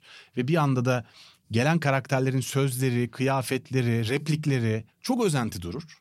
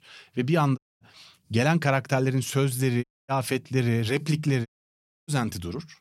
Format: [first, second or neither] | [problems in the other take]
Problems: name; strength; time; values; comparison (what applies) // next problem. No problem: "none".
first | audio cutting out; at 1 s, at 3 s and at 4.5 s for 0.5 s